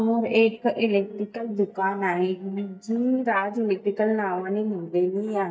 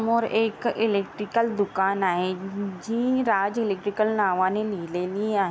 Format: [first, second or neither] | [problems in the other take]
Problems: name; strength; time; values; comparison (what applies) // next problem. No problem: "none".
second | noise reduction (neural mask model DeepFilterNet 3)